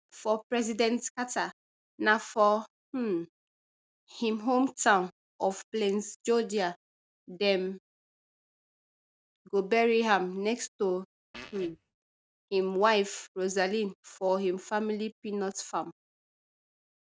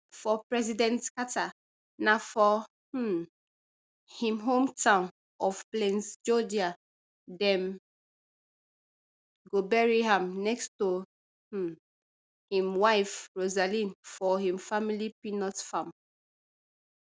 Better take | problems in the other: second | noise reduction (neural mask model RNNoise)

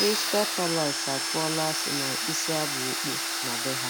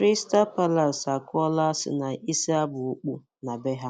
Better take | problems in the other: second | background sound (Domestic sounds, home sounds); 2 dB above the speech

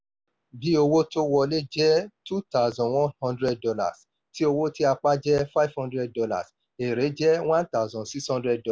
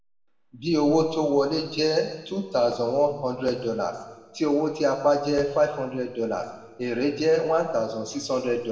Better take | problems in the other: first | room echo; dies away in 1.1 s

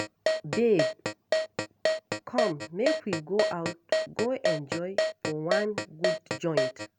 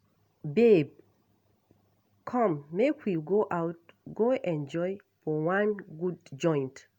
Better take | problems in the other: second | background sound (Keyboard (musical)); 2 dB above the speech

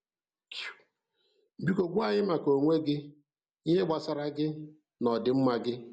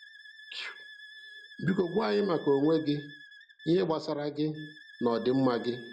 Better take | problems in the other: first | background sound (Wind instrument, woodwind instrument); 20 dB below the speech

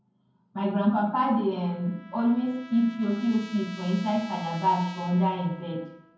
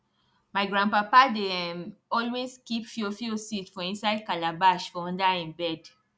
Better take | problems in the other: second | background sound (Trumpet); 20 dB below the speech // room echo; dies away in 0.9 s

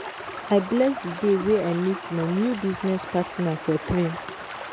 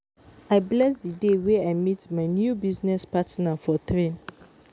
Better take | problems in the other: second | background sound (Stream); 11 dB below the speech

